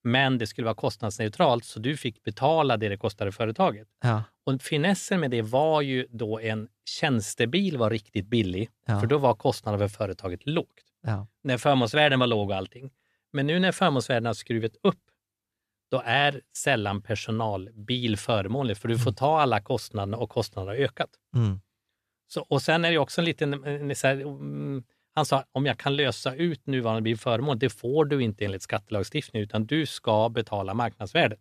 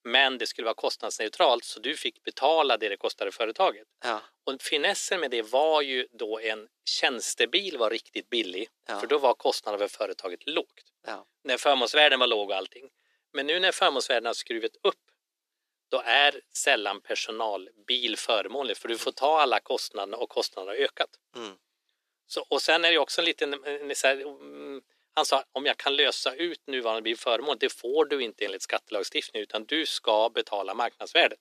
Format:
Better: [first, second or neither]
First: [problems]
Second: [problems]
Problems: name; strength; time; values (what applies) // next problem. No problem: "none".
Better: first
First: none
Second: thin; very; fading below 350 Hz